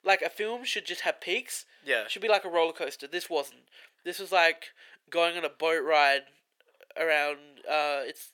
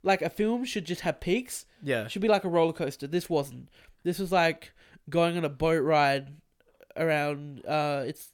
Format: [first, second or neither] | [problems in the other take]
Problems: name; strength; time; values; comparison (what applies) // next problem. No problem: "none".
second | thin; very; fading below 450 Hz